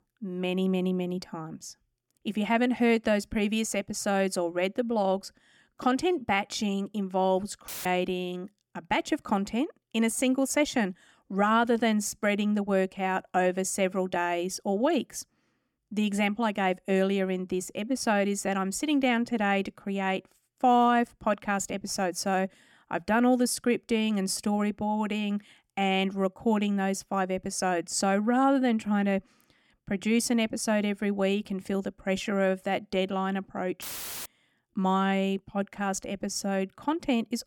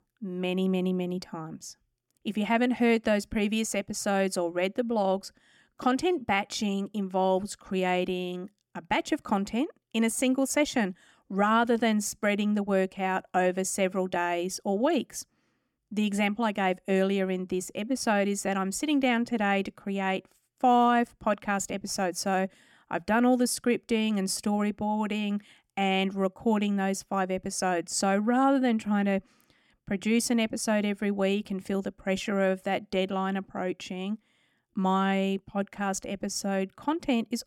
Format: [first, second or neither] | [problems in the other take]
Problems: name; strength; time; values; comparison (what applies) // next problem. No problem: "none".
second | audio cutting out; filled with static; at 7.5 s and at 34 s